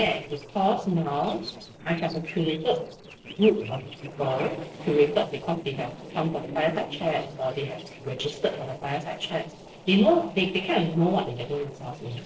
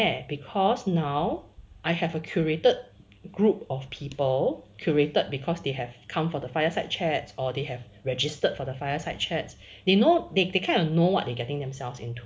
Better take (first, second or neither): second